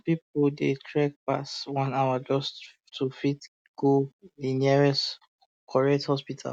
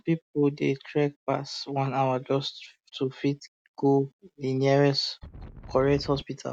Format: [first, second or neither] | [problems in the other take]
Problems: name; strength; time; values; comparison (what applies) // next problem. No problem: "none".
first | background sound (Wind); 14 dB below the speech